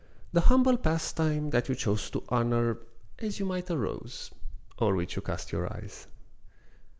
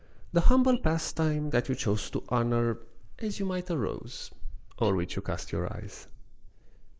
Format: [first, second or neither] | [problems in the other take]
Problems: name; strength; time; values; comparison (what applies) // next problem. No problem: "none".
first | noise reduction (neural mask model Resemble Enhance denoiser)